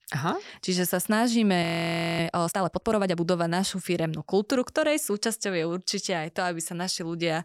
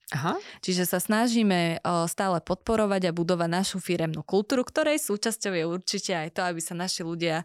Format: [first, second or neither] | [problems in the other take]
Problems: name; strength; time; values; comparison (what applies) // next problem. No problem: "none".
second | audio freezing; at 1.5 s for 0.5 s